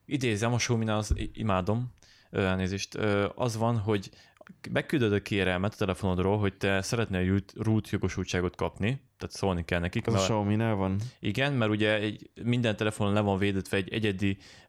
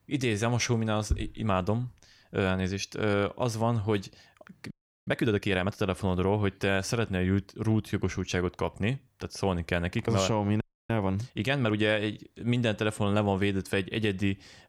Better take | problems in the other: first | audio freezing; at 4.5 s and at 11 s

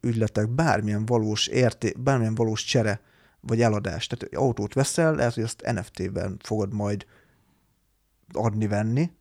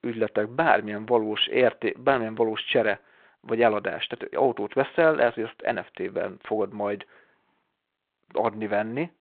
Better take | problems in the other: first | phone-call audio

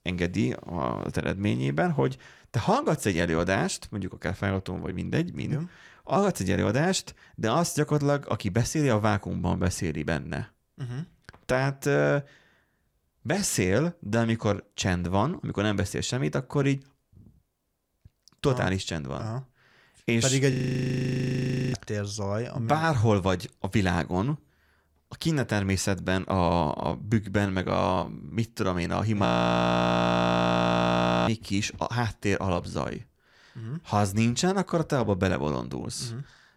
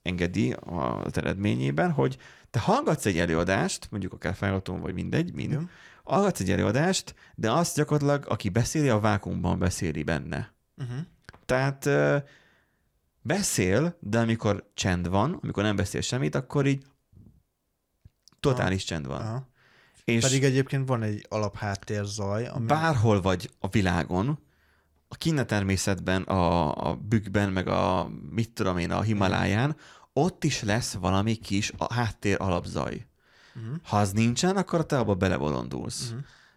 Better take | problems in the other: second | audio freezing; at 21 s for 1 s and at 29 s for 2 s

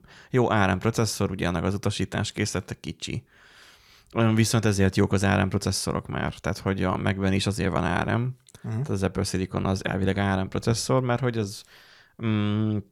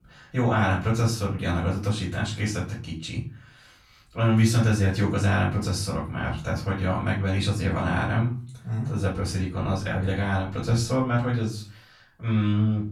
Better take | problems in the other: first | off-mic speech; far // room echo; slight; dies away in 0.4 s

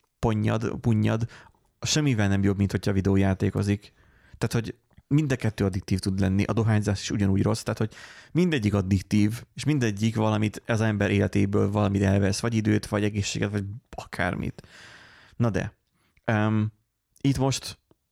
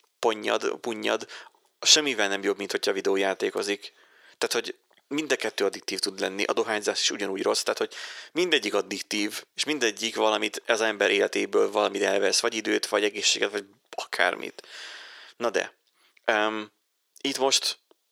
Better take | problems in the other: first | thin; very; fading below 400 Hz

